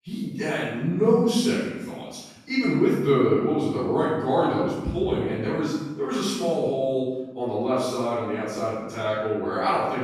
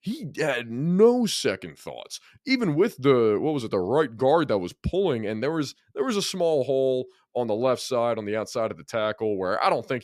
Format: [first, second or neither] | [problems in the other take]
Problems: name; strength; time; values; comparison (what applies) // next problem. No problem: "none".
second | off-mic speech; far // room echo; strong; dies away in 1 s